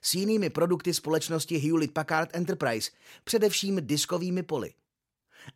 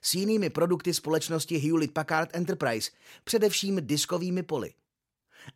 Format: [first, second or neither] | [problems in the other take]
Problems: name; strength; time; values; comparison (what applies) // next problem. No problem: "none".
neither | none